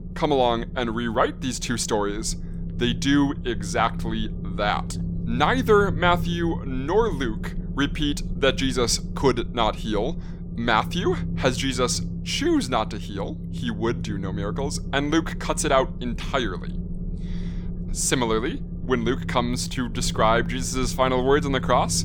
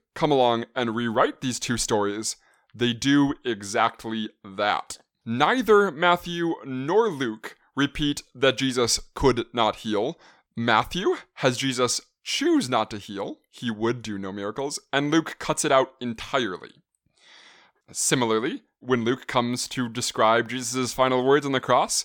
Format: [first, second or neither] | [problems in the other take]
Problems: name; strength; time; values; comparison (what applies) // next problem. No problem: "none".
second | low rumble; noticeable; throughout; 15 dB below the speech